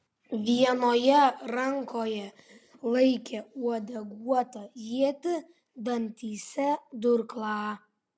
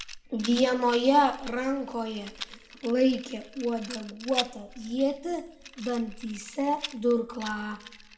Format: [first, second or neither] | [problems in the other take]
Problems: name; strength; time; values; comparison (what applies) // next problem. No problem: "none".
first | background sound (Rattle); 14 dB below the speech // room echo; dies away in 0.6 s